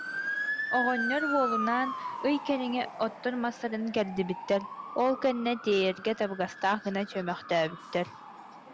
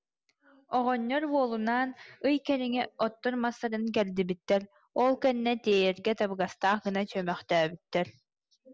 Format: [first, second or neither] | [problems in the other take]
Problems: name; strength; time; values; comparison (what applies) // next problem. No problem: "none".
second | background sound (Motor vehicle (road) / Siren); 6 dB below the speech